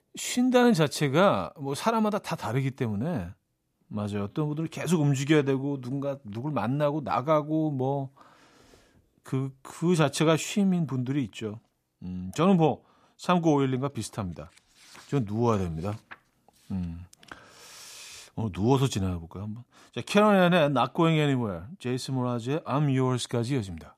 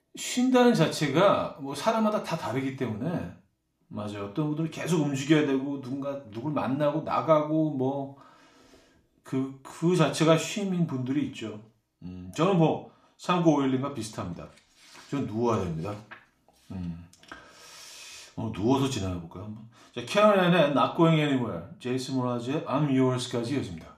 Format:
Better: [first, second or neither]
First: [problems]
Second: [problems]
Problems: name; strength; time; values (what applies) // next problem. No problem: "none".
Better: first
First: none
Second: room echo; slight; dies away in 0.4 s // off-mic speech; somewhat distant